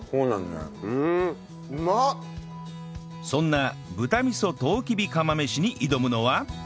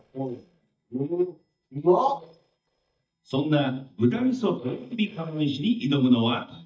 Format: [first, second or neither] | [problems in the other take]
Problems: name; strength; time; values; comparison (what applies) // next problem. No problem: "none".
first | noise reduction (neural mask model DeepFilterNet 3)